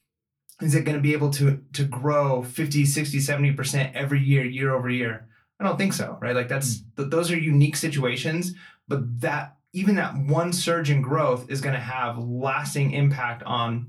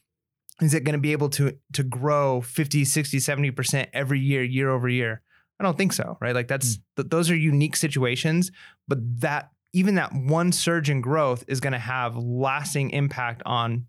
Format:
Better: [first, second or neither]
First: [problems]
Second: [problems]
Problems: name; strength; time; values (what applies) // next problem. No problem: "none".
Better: second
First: off-mic speech; far // room echo; very slight; dies away in 0.2 s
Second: none